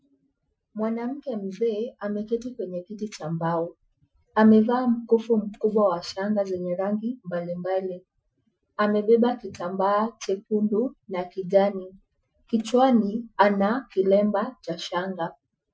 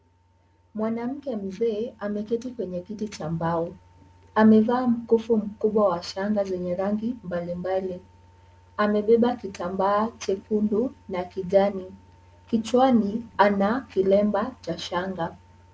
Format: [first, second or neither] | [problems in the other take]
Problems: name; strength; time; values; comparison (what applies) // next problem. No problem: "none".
second | noise reduction (classical method Wiener filter)